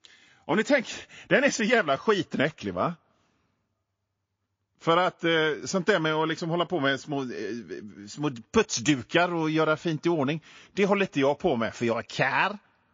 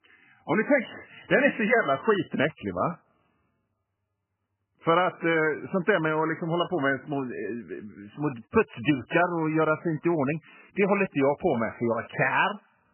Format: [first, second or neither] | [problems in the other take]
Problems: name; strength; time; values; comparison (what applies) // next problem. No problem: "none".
first | garbled, watery; badly; nothing above 3 kHz; slightly in the first